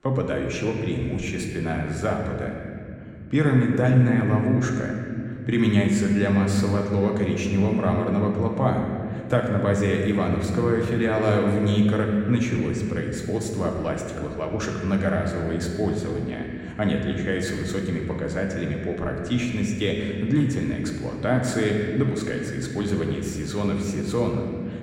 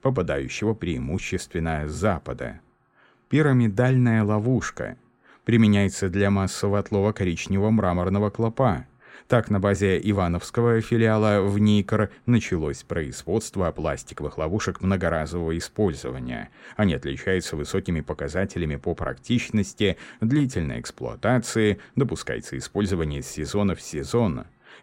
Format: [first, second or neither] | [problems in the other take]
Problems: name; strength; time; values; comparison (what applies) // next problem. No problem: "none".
second | room echo; noticeable; dies away in 2.4 s